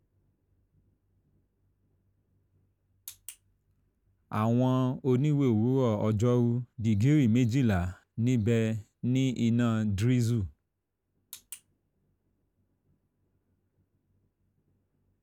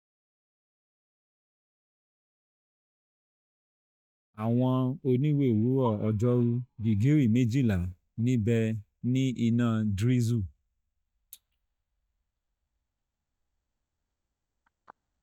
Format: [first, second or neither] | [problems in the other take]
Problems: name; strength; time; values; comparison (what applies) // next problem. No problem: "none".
first | noise reduction (neural mask model DeepFilterNet 3)